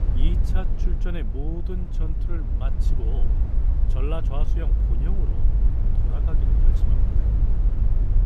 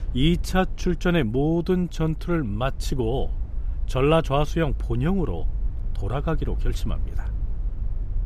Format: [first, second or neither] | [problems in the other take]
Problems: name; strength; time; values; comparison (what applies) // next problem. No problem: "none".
second | low rumble; loud; throughout; 2 dB below the speech; faint in the second